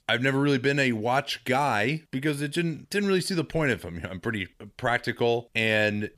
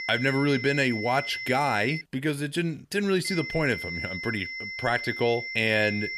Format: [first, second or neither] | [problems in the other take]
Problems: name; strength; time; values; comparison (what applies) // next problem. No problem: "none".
first | high-pitched whine; loud; until 2 s and from 3.5 s on; 2 kHz, 7 dB below the speech